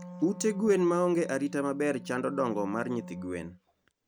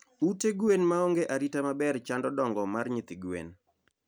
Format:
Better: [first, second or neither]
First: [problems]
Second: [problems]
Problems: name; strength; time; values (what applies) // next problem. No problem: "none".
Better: second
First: background sound (Wind instrument, woodwind instrument); 14 dB below the speech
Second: none